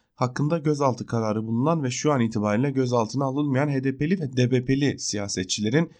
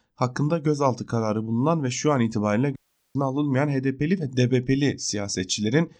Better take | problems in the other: first | audio cutting out; at 3 s

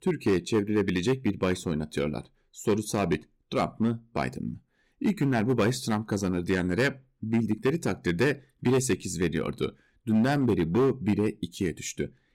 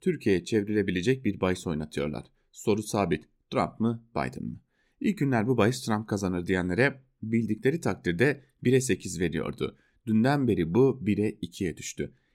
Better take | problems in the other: second | distortion; slight; 5% of the sound clipped

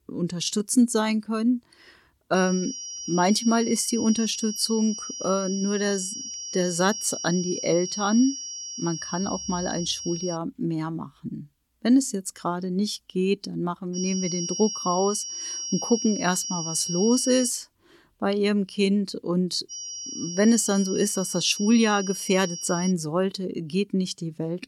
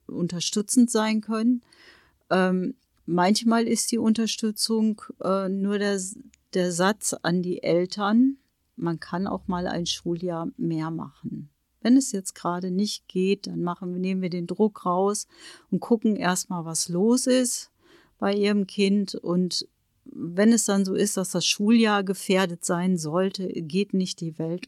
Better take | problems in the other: second | high-pitched whine; loud; from 2.5 to 10 s, from 14 to 17 s and from 20 to 23 s; 5.5 kHz, 7 dB below the speech

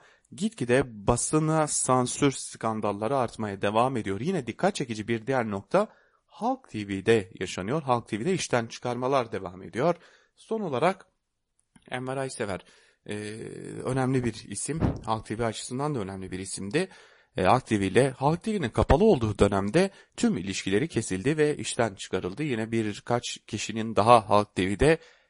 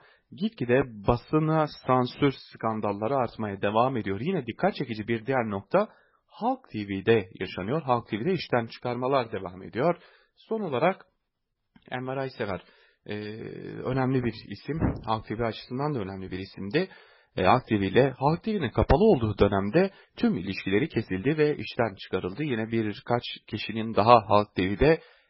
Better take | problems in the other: first | garbled, watery; badly; nothing above 5.5 kHz; slightly in the first

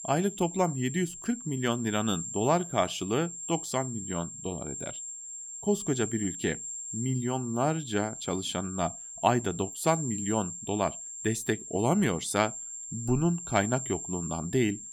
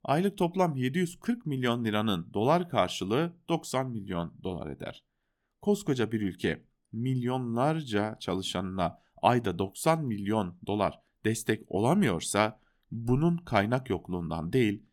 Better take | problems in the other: second | high-pitched whine; loud; throughout; 7.5 kHz, 7 dB below the speech

